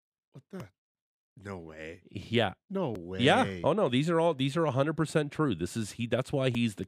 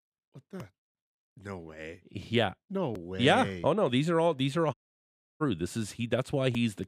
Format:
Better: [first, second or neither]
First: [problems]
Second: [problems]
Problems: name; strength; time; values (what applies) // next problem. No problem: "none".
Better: first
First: none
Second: audio cutting out; at 4.5 s for 0.5 s